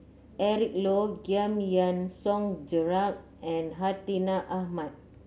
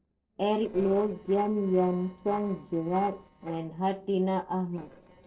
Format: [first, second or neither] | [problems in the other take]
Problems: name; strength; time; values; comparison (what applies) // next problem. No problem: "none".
first | noise reduction (neural separator model SepFormer DNS4)